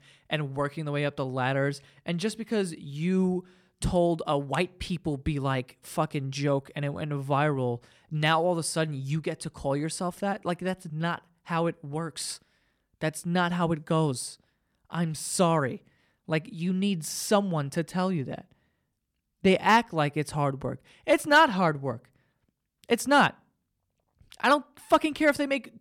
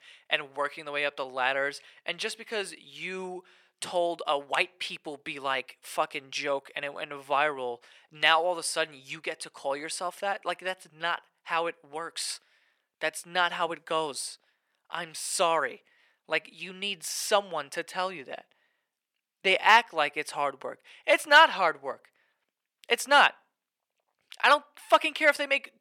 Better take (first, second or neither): first